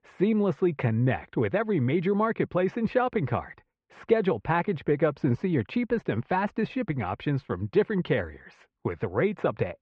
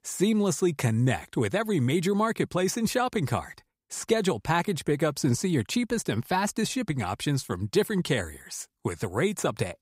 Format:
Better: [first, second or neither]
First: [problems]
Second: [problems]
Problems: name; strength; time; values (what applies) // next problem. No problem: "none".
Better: second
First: muffled; very; fading above 2.5 kHz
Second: none